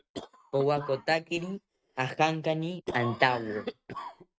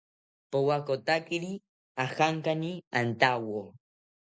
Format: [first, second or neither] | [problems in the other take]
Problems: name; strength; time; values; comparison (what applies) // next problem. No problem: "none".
second | noise reduction (neural mask model RNNoise)